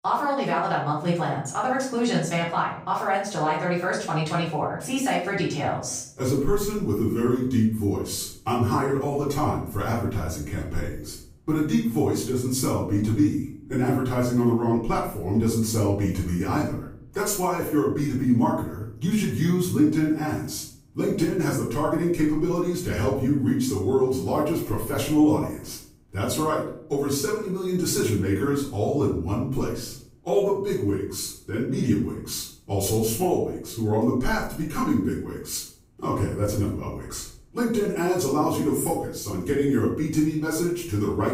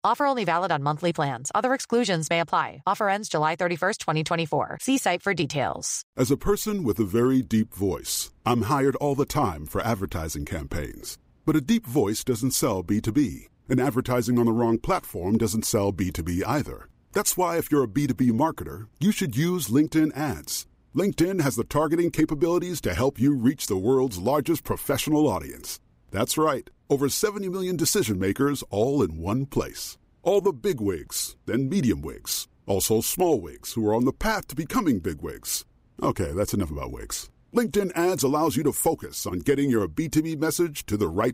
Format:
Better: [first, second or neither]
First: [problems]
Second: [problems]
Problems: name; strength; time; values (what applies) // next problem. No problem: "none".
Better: second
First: off-mic speech; far // room echo; noticeable; dies away in 0.5 s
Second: none